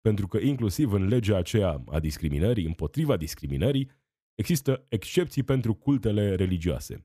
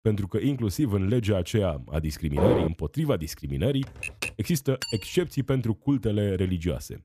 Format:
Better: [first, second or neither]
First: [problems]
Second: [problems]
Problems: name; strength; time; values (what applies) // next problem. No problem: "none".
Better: first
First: none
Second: footsteps; loud; at 2.5 s; peak 2 dB above the speech // keyboard typing; noticeable; at 4 s; peak 5 dB below the speech // clattering dishes; noticeable; at 5 s; peak 8 dB below the speech